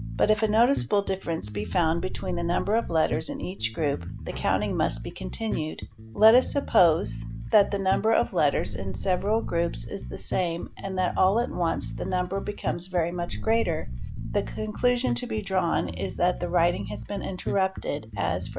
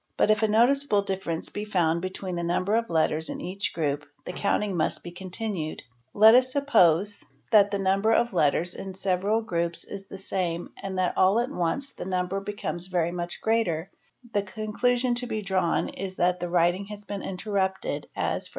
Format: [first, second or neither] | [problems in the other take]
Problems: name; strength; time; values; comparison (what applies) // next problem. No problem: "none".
second | background sound (Boom + Bass guitar); 7 dB below the speech